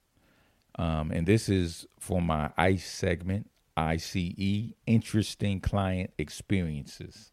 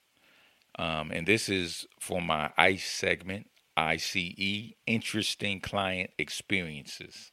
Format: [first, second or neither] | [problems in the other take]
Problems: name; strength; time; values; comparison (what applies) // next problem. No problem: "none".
first | thin; somewhat; fading below 550 Hz